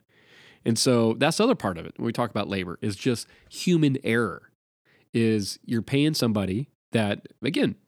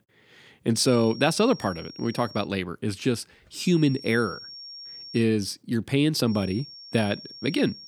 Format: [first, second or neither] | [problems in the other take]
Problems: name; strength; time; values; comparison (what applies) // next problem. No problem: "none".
first | high-pitched whine; noticeable; from 1 to 2.5 s, from 3.5 to 5 s and from 6.5 s on; 5.5 kHz, 15 dB below the speech